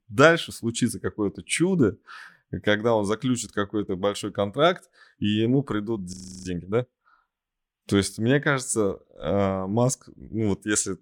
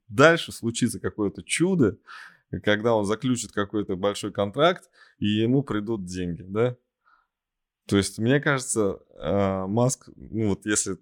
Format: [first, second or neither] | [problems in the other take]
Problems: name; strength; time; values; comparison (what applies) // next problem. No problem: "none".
second | audio freezing; at 6 s